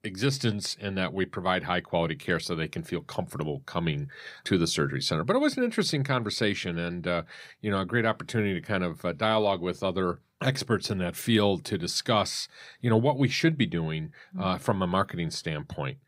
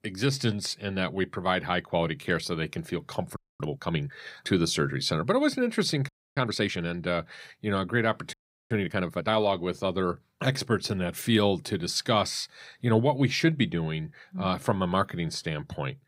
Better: first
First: none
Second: audio freezing; at 3.5 s, at 6 s and at 8.5 s

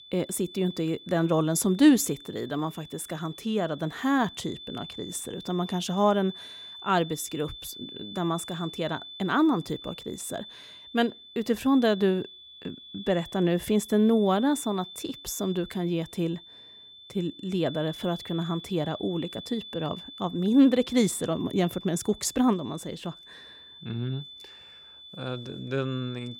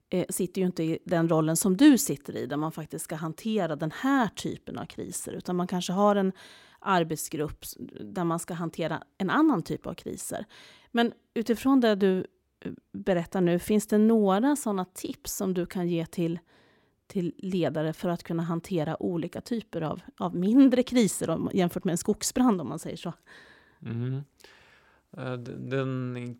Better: second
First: high-pitched whine; noticeable; throughout; 3.5 kHz, 15 dB below the speech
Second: none

